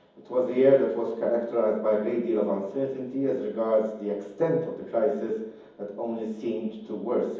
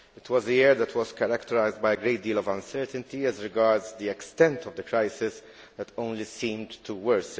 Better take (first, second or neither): second